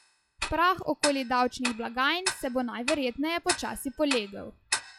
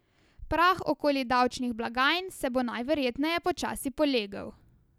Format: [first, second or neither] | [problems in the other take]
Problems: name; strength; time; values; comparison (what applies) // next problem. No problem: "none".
second | noise reduction (classical method log-MMSE)